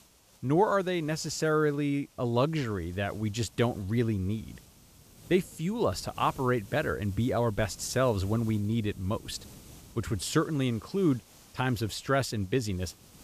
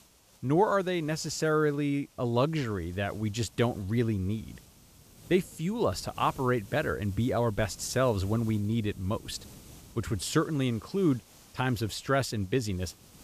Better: neither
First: hiss; faint; throughout; 25 dB below the speech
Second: hiss; faint; throughout; 25 dB below the speech

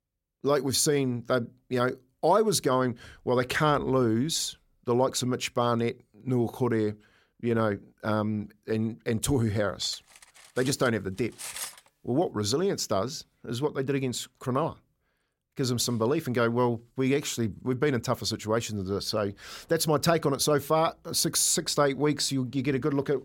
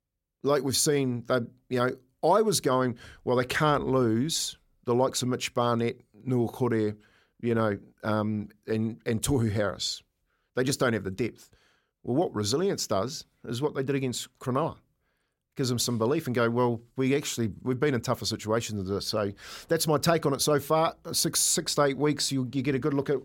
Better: second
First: clattering dishes; noticeable; from 10 to 12 s; peak 7 dB below the speech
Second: none

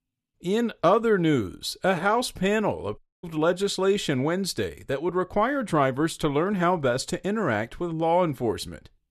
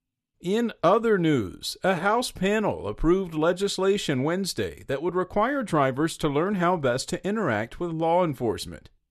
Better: second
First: audio cutting out; at 3 s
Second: none

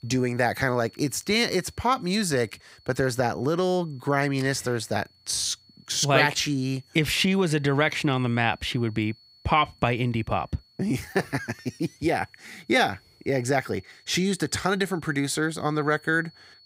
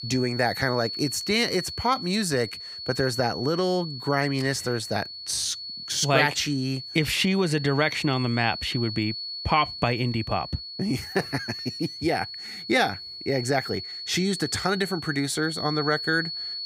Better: first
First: high-pitched whine; faint; throughout; 4.5 kHz, 30 dB below the speech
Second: high-pitched whine; loud; throughout; 4.5 kHz, 8 dB below the speech

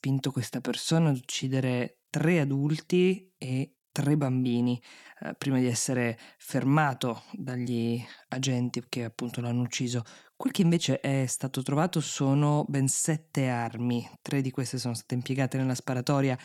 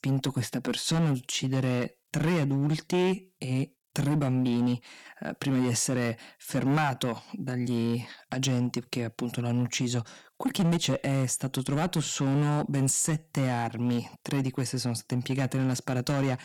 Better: first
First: none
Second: distortion; slight; 9% of the sound clipped

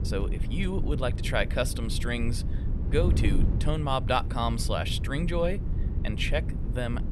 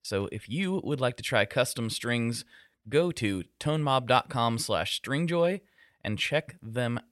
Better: second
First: wind noise on the microphone; occasional gusts; 10 dB below the speech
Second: none

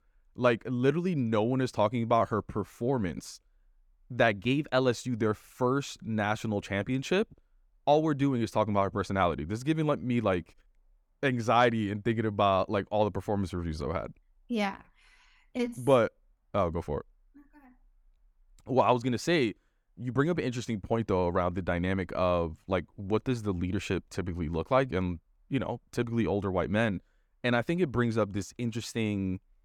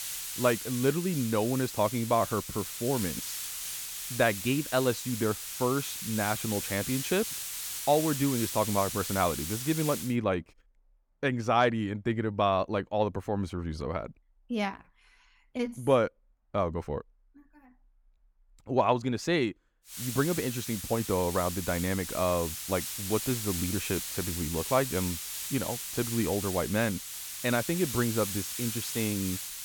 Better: first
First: none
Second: hiss; loud; until 10 s and from 20 s on; 5 dB below the speech

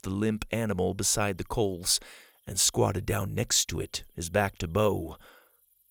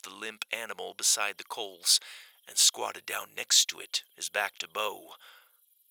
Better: first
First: none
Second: thin; very; fading below 900 Hz

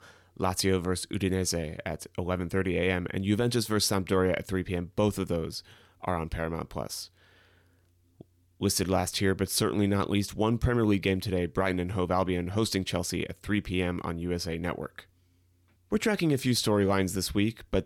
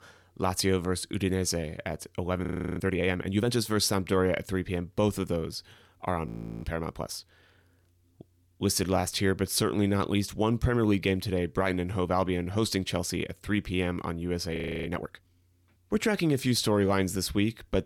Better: first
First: none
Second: audio freezing; at 2.5 s, at 6.5 s and at 15 s

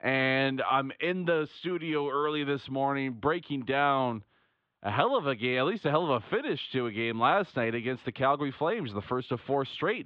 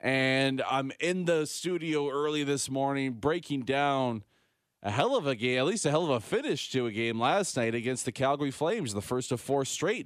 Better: second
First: muffled; very; fading above 3.5 kHz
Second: none

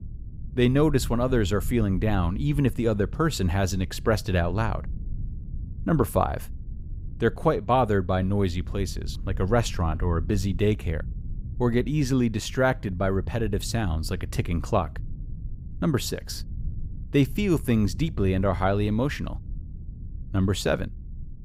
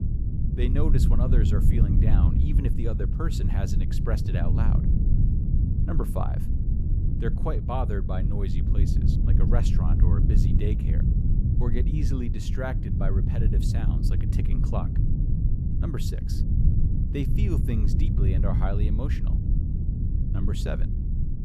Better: first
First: low rumble; faint; throughout; 25 dB below the speech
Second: low rumble; loud; throughout; 1 dB below the speech

